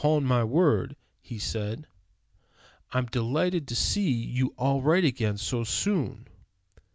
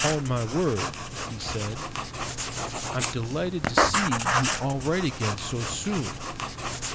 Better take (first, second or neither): first